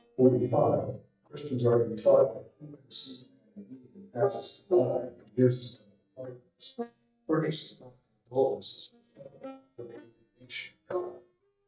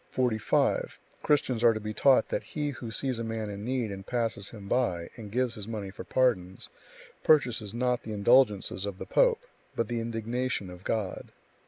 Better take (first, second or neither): second